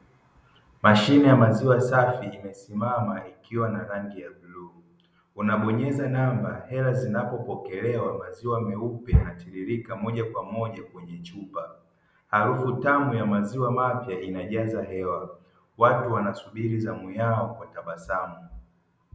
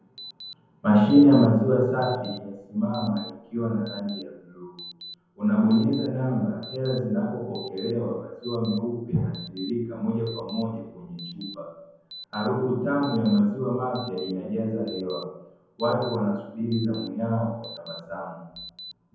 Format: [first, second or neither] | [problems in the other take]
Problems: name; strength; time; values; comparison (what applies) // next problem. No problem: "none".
first | background sound (Alarm); 19 dB below the speech // room echo; dies away in 0.9 s